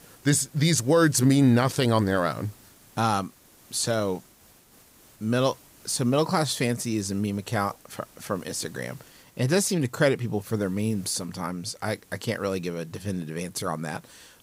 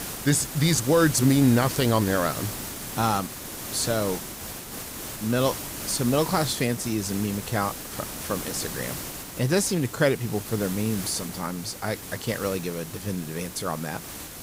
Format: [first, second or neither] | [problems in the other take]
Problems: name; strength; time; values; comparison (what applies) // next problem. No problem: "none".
first | hiss; loud; throughout; 8 dB below the speech; faint in the first